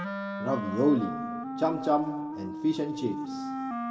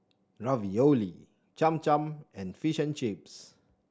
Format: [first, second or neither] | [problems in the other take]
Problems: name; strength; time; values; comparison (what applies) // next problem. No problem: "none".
second | background sound (Wind instrument, woodwind instrument); 5 dB below the speech // room echo; dies away in 2.1 s